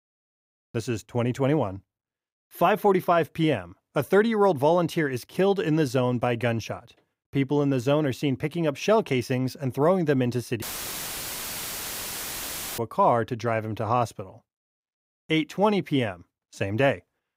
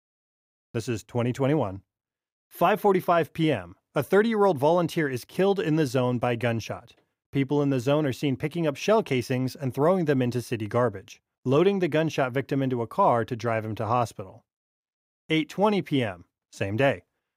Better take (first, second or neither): second